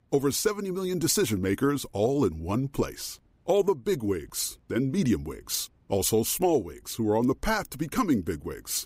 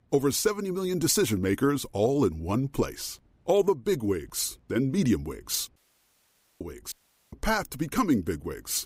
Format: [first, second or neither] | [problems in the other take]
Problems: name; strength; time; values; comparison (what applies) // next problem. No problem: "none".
first | audio cutting out; at 6 s for 1 s and at 7 s